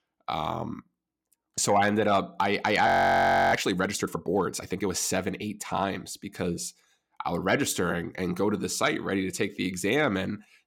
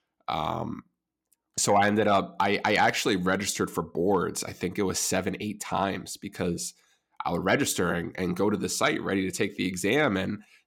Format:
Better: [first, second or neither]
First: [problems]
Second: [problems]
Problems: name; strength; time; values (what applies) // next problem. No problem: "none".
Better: second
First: audio freezing; at 3 s for 0.5 s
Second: none